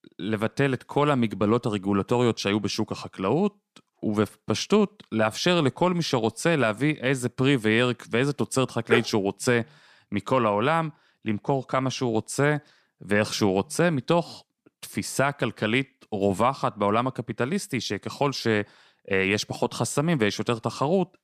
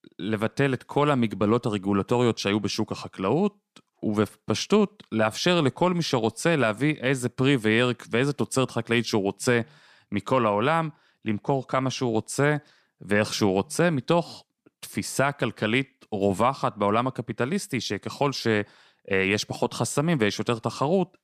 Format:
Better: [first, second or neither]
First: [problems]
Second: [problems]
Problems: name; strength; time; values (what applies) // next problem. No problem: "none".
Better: second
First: dog barking; noticeable; at 9 s; peak 3 dB below the speech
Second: none